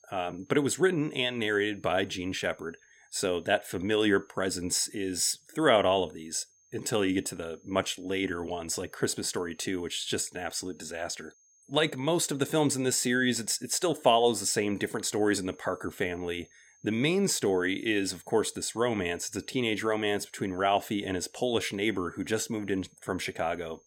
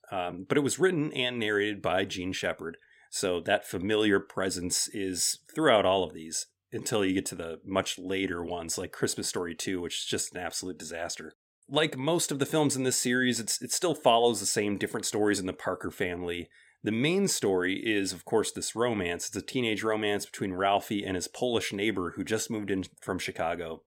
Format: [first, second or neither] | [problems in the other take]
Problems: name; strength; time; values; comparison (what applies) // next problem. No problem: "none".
second | high-pitched whine; faint; throughout; 6.5 kHz, 30 dB below the speech